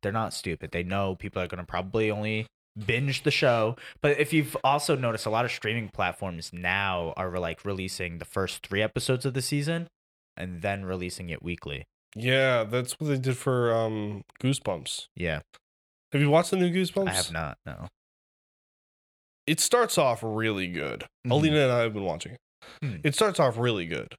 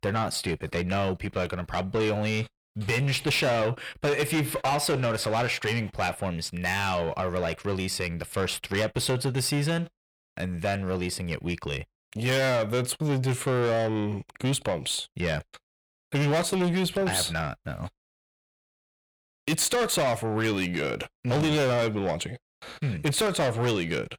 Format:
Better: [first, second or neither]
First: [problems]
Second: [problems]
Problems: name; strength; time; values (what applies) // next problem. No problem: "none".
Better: first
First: none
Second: distortion; heavy; 7 dB below the speech